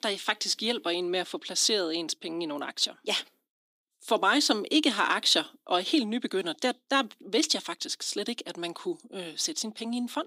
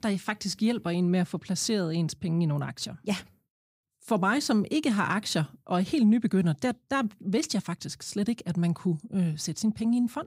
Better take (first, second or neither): second